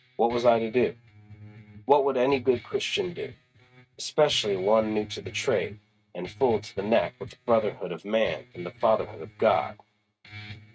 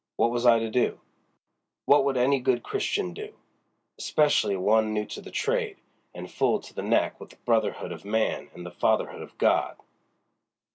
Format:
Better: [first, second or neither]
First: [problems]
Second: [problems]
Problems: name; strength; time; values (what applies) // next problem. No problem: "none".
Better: second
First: noise reduction (neural mask model RNNoise)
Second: none